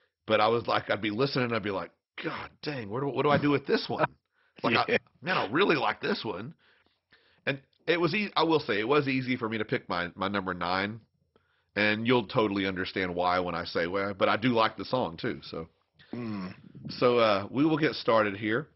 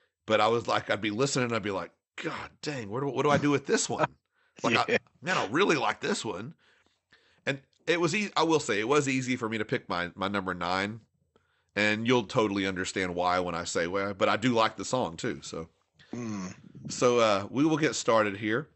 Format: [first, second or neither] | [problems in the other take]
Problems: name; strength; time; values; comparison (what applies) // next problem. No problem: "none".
second | garbled, watery; badly; nothing above 5.5 kHz; slightly in the second